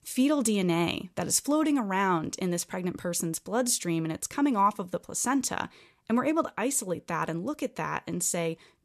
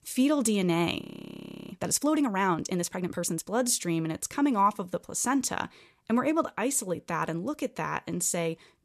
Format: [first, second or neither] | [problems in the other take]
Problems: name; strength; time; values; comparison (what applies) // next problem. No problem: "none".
first | audio freezing; at 1 s for 0.5 s